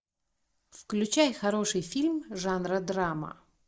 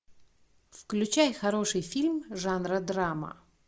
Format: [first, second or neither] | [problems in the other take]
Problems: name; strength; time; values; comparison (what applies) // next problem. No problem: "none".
second | noise reduction (neural mask model Resemble Enhance denoiser)